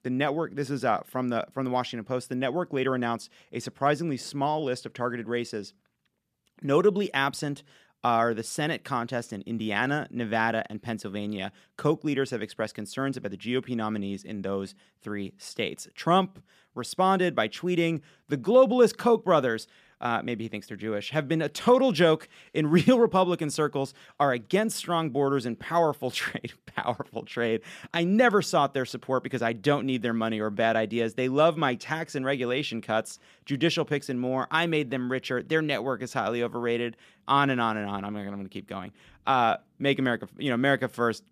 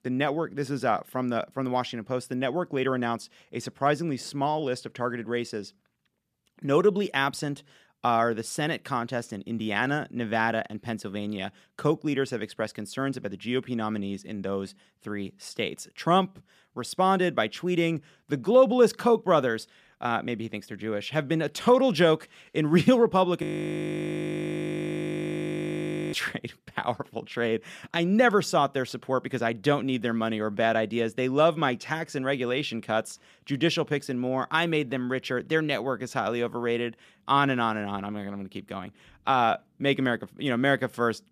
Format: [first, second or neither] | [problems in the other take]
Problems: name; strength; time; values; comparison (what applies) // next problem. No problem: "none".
first | audio freezing; at 23 s for 2.5 s